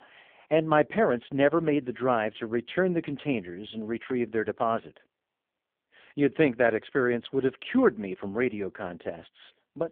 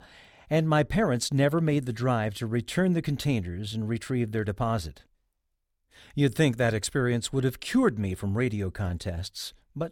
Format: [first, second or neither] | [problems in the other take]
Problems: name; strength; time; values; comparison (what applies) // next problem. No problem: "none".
second | phone-call audio; poor line; nothing above 3.5 kHz